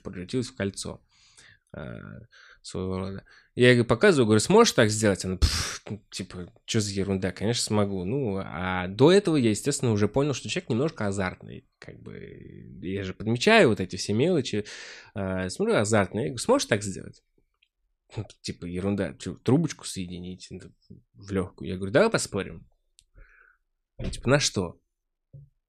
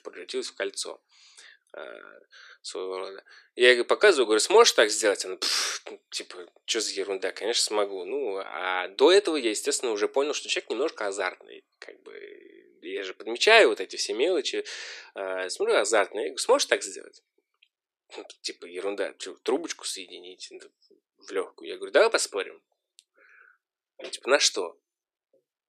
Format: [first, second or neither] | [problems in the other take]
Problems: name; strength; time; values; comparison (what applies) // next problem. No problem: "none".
first | thin; very; fading below 350 Hz